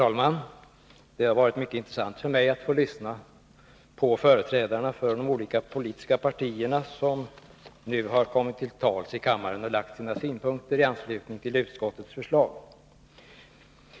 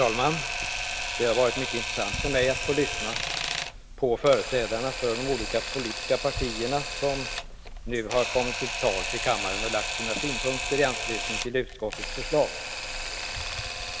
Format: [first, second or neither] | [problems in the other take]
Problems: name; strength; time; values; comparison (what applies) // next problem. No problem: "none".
first | background sound (Camera); 3 dB below the speech